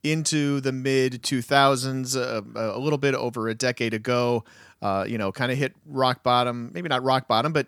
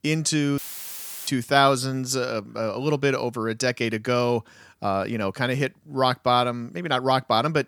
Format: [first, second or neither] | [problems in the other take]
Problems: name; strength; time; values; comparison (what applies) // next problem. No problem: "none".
first | audio cutting out; filled with static; at 0.5 s for 0.5 s